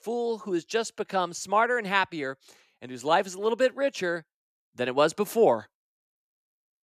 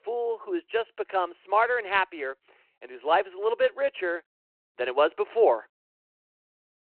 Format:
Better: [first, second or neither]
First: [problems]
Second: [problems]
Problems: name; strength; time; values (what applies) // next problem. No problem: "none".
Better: first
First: none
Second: phone-call audio